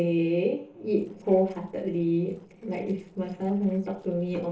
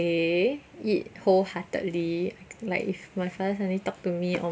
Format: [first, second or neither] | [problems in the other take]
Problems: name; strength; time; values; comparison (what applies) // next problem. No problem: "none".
second | noise reduction (neural separator model SepFormer DNS4)